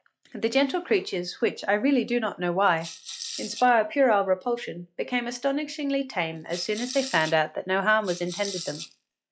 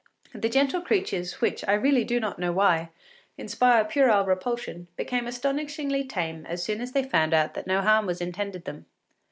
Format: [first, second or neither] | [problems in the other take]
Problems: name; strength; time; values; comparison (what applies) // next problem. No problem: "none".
second | noise reduction (classical method log-MMSE)